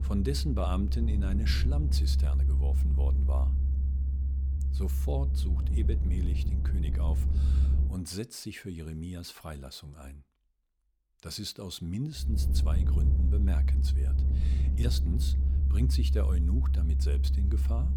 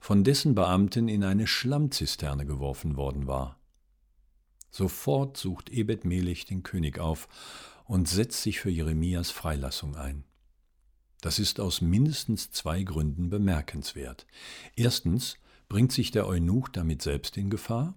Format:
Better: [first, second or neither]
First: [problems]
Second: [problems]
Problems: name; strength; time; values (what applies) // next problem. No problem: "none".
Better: second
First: low rumble; loud; until 8 s and from 12 s on; 5 dB below the speech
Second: none